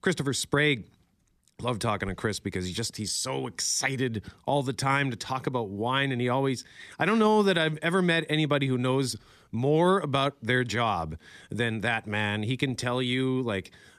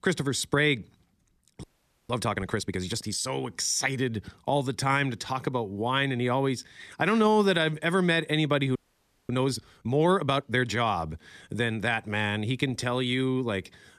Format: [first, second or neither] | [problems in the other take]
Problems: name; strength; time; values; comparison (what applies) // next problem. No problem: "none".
first | audio freezing; at 1.5 s and at 9 s for 0.5 s